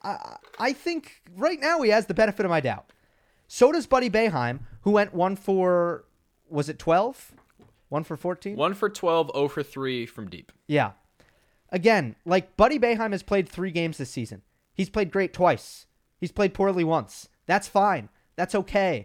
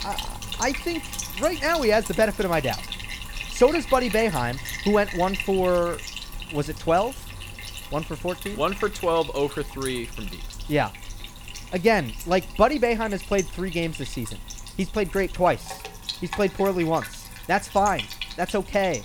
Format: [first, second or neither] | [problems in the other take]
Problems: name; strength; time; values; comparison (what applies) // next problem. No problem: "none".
first | household noises; noticeable; throughout; 10 dB below the speech